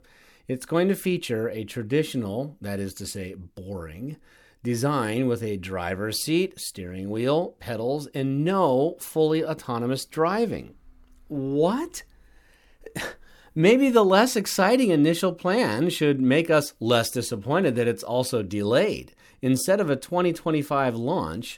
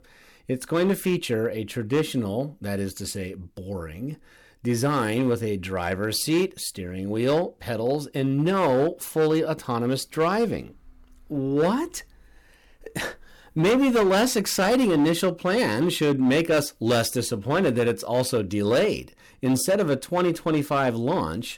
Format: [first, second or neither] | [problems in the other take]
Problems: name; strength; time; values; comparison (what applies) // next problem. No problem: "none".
first | distortion; slight; 7% of the sound clipped